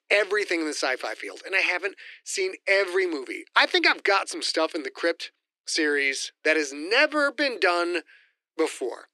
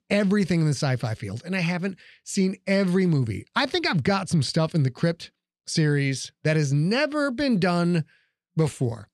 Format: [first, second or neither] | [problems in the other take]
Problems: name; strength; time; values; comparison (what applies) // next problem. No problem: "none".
second | thin; very; fading below 300 Hz